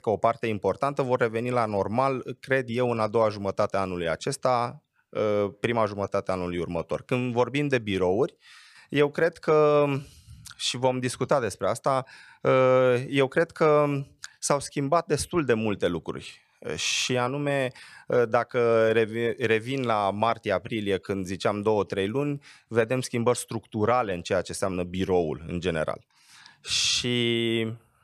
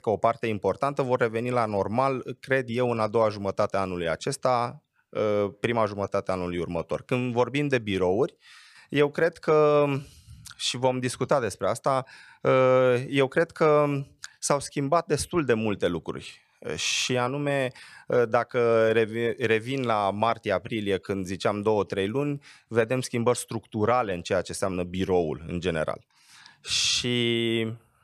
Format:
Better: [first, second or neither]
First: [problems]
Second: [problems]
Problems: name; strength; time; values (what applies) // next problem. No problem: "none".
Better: neither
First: none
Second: none